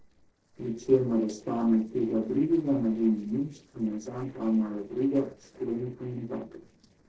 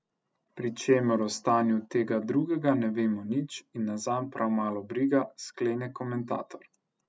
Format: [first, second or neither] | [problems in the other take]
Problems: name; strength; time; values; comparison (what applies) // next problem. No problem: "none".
second | noise reduction (neural separator model SepFormer DNS4)